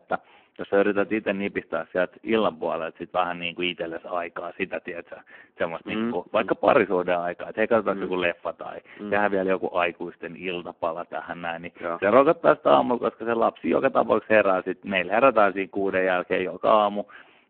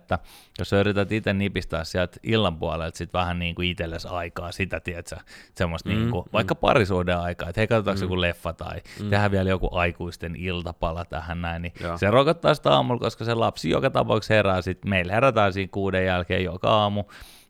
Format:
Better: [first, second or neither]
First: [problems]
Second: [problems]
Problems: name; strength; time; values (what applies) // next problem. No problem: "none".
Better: second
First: phone-call audio; poor line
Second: none